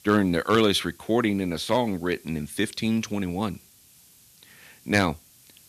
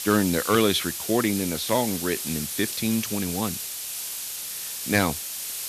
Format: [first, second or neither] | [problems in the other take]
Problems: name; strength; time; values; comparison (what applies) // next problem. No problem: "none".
first | hiss; loud; throughout; 4 dB below the speech; faint in the first